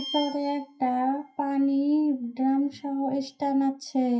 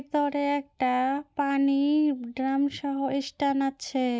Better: second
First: noise reduction (classical method WPE with log-MMSE)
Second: none

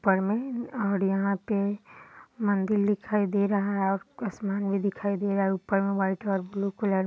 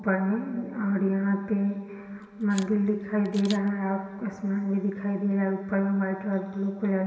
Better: first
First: none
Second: background sound (Camera); 20 dB below the speech // room echo; dies away in 2.5 s

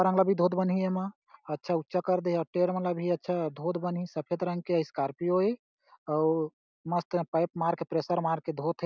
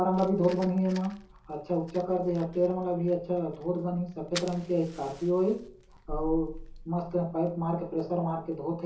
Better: first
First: none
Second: background sound (Fire); 15 dB below the speech // room echo; dies away in 0.6 s

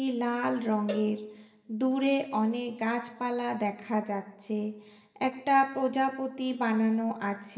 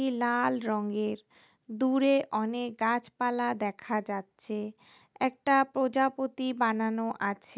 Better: second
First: background sound (Cowbell); 15 dB below the speech // room echo; dies away in 1.6 s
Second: none

